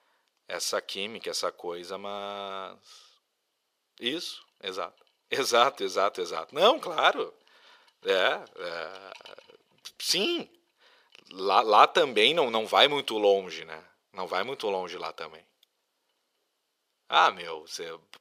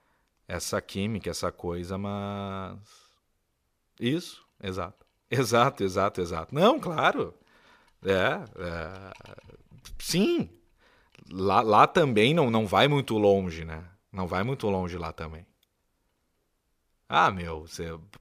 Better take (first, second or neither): second